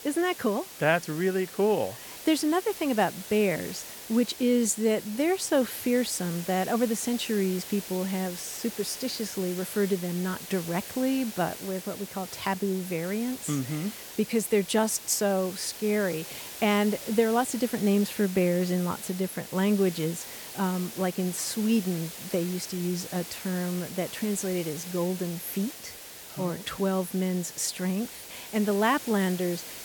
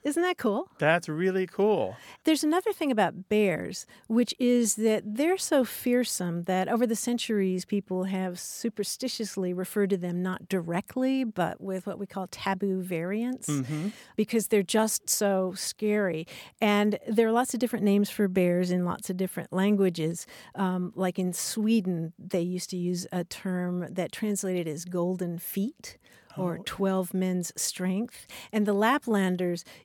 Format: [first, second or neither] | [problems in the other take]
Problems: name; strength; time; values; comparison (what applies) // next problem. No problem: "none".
second | hiss; noticeable; throughout; 10 dB below the speech